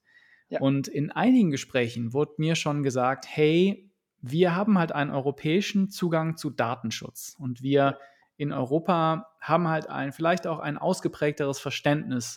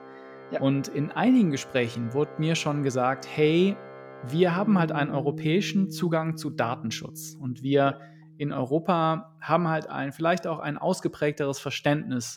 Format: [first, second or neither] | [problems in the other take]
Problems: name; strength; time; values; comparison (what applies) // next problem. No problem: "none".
first | background music; noticeable; throughout; 15 dB below the speech